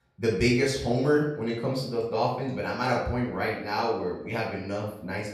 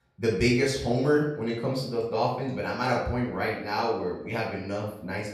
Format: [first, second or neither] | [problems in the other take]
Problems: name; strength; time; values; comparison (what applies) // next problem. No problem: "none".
neither | room echo; noticeable; dies away in 0.6 s; the same in both // off-mic speech; far; the same in both